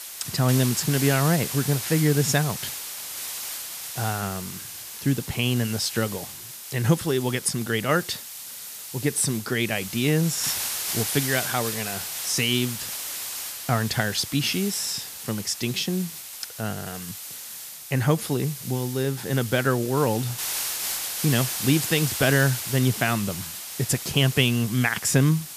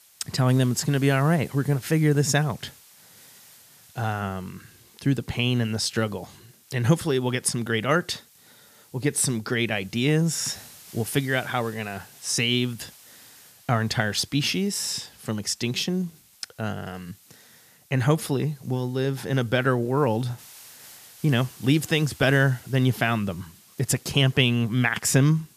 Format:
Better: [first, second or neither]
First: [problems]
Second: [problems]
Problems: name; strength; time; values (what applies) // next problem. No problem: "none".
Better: second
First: hiss; loud; throughout; 6 dB below the speech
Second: hiss; faint; throughout; 25 dB below the speech